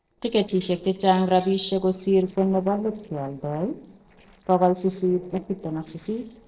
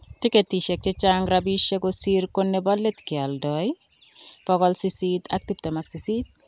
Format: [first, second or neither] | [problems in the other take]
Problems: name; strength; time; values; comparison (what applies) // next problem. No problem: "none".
second | noise reduction (neural separator model SepFormer DNS4)